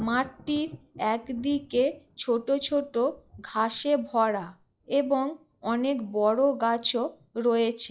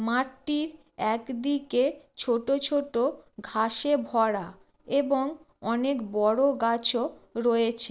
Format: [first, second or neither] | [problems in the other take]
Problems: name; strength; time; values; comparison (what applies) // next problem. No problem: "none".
second | noise reduction (classical method log-MMSE)